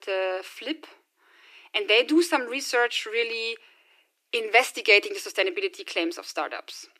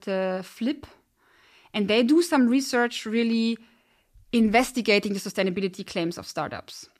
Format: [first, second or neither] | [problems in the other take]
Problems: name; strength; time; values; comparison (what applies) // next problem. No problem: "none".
second | thin; very; fading below 300 Hz